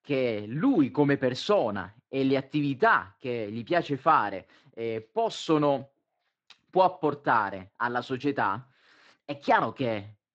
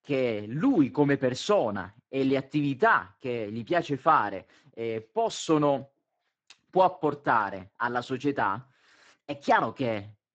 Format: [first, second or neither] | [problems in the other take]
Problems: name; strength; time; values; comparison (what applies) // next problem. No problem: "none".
first | garbled, watery; badly; nothing above 7.5 kHz; slightly in the first